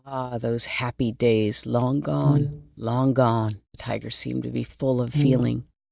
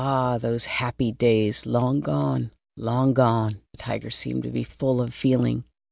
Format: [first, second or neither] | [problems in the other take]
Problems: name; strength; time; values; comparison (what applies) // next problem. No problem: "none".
second | noise reduction (neural mask model DeepFilterNet 3)